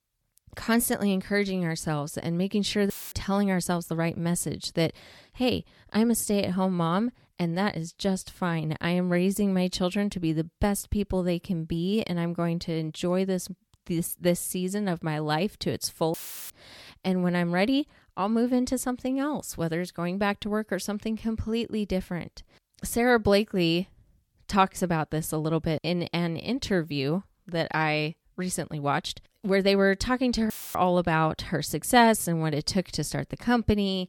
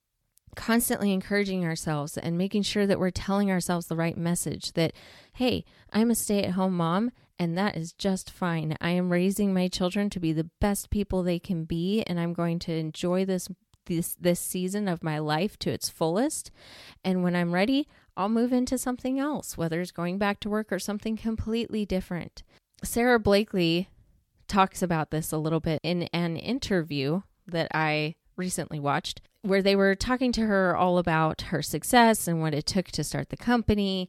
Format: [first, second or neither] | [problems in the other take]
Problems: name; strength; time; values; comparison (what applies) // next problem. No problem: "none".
second | audio cutting out; filled with static; at 3 s, at 16 s and at 31 s